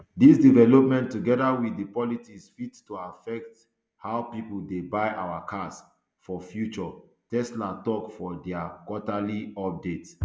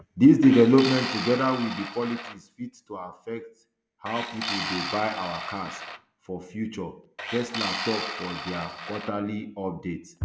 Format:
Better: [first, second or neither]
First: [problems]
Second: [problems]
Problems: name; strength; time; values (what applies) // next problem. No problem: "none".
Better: first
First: none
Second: background sound (Tools); 9 dB below the speech